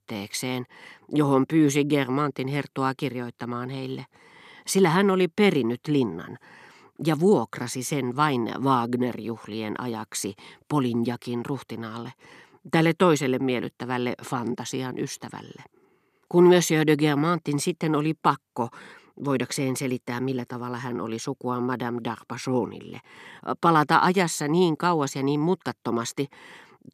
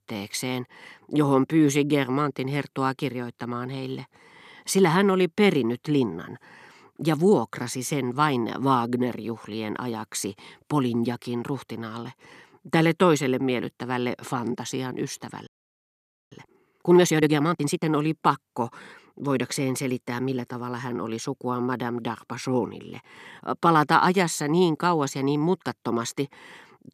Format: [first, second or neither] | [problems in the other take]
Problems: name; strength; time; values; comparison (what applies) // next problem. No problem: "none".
first | audio freezing; at 15 s for 1 s